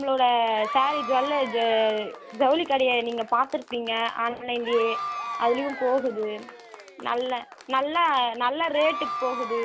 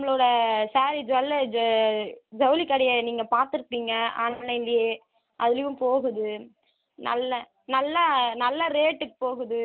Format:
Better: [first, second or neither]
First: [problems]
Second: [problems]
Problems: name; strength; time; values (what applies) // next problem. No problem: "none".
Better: second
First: background sound (Applause / Crowd / Cheering); 11 dB below the speech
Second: none